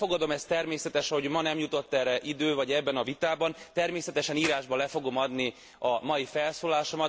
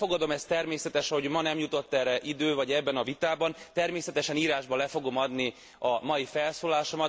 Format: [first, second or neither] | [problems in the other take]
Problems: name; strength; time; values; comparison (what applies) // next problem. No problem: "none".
second | background sound (Clapping); 11 dB below the speech